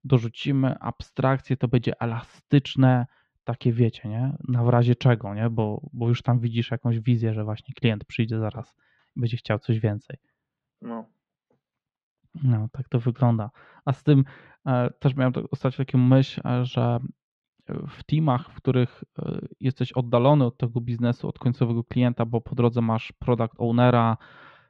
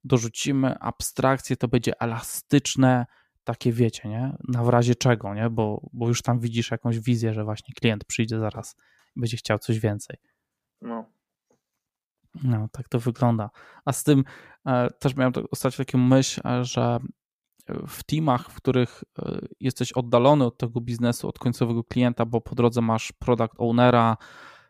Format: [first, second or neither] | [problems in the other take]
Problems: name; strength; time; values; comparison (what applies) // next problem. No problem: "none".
second | muffled; slightly; fading above 3.5 kHz